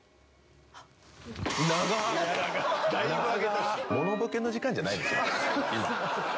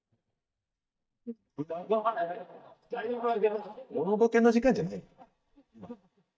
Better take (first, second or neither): first